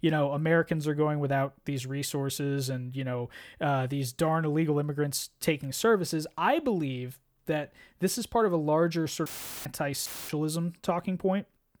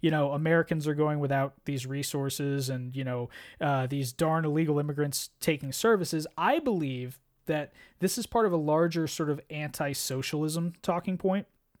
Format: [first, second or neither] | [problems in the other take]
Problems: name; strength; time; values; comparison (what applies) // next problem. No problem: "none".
second | audio cutting out; filled with static; at 9.5 s and at 10 s